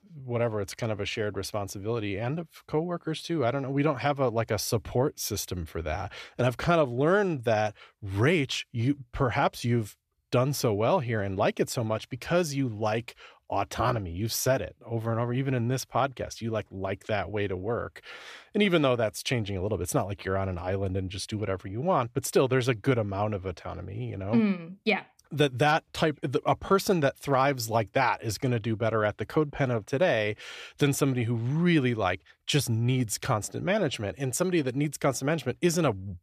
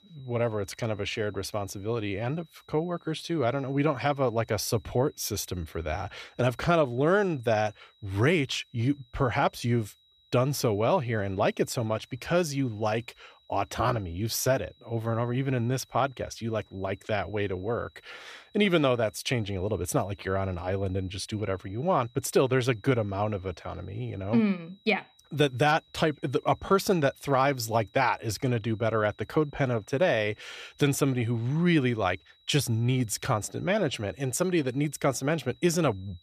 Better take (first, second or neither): first